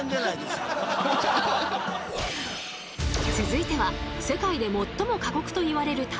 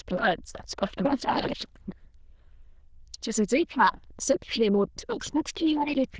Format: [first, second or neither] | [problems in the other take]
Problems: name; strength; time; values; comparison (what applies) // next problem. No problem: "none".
first | noise reduction (neural diffusion model UNIVERSE++)